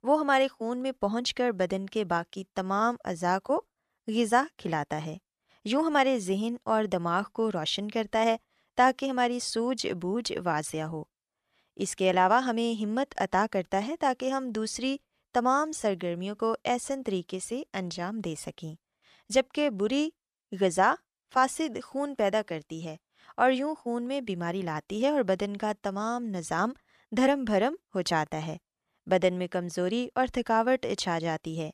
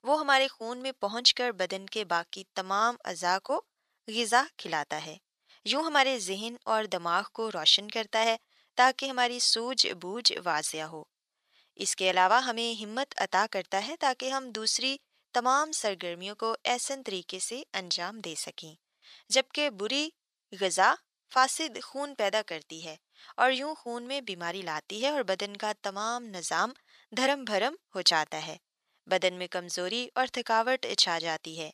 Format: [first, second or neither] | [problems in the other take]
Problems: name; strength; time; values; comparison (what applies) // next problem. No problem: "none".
first | thin; somewhat; fading below 1 kHz